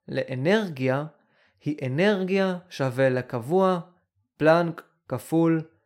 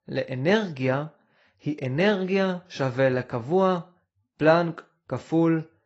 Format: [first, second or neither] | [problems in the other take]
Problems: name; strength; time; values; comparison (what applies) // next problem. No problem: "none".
first | garbled, watery; badly; nothing above 7.5 kHz